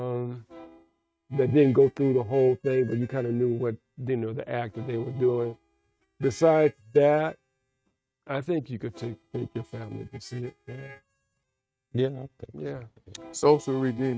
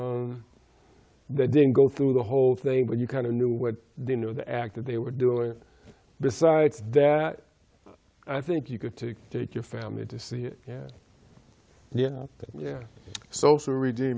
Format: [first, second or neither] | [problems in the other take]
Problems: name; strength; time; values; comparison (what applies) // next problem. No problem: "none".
second | noise reduction (neural mask model RNNoise)